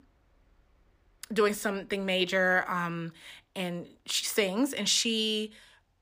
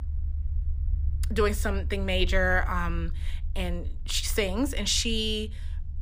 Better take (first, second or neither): first